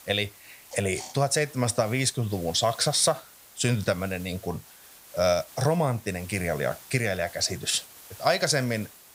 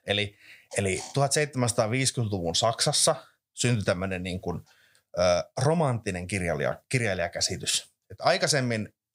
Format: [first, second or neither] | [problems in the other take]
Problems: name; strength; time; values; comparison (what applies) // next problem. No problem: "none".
second | hiss; noticeable; throughout; 20 dB below the speech